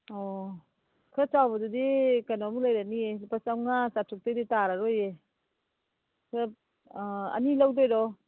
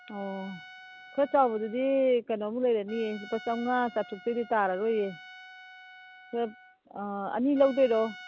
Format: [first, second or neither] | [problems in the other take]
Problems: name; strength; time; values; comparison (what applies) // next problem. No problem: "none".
first | background sound (Trumpet); 20 dB below the speech